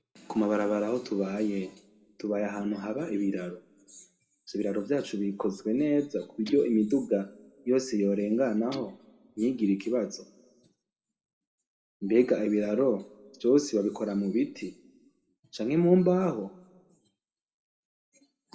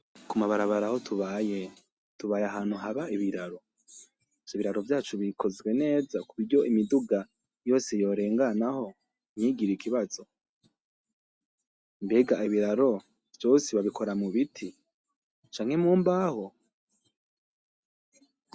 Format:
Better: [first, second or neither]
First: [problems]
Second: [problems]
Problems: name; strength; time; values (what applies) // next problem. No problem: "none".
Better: second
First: background sound (Guitar); 20 dB below the speech // room echo; dies away in 1 s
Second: none